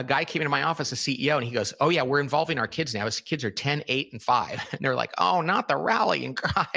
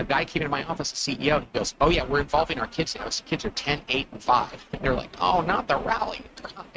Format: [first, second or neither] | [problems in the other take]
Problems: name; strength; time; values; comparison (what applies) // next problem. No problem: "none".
first | noise reduction (neural mask model RNNoise)